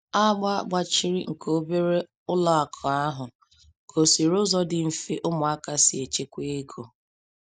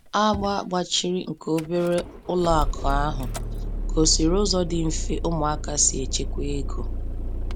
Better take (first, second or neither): first